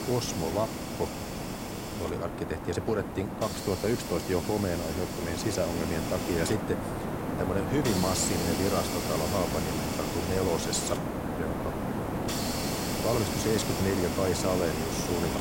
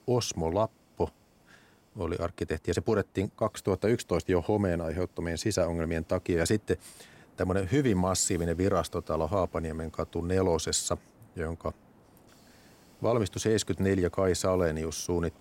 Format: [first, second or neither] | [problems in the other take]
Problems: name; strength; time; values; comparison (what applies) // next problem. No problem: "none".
second | hiss; loud; throughout; 1 dB below the speech; faint in the second